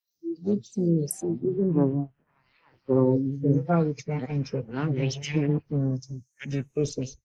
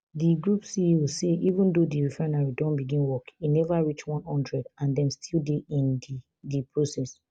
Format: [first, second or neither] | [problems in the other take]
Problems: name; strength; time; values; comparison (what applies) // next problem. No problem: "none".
second | noise reduction (neural mask model Resemble Enhance denoiser)